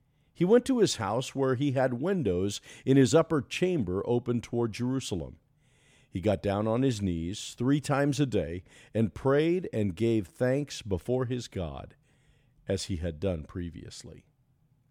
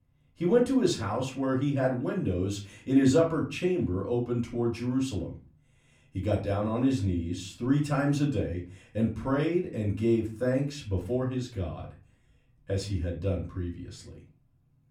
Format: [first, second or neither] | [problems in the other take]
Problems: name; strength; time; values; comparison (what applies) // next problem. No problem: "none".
first | off-mic speech; far // room echo; slight; dies away in 0.3 s